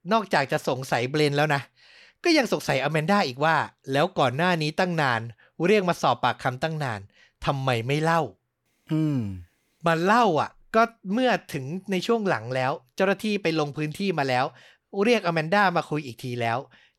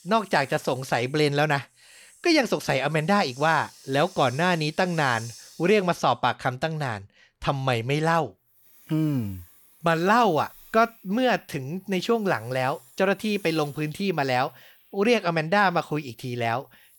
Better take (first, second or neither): first